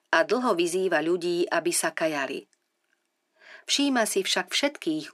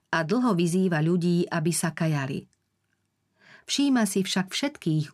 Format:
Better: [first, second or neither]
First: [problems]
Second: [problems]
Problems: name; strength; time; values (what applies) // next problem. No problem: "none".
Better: second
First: thin; somewhat; fading below 300 Hz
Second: none